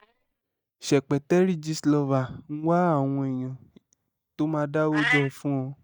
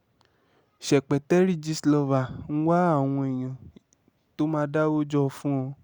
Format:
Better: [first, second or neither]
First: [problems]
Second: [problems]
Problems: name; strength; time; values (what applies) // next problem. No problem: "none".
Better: second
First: noise reduction (neural mask model DeepFilterNet 3)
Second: none